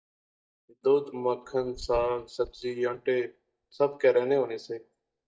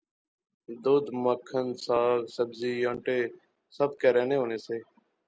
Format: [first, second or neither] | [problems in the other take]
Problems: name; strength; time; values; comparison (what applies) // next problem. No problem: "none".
second | noise reduction (neural mask model DeepFilterNet 3)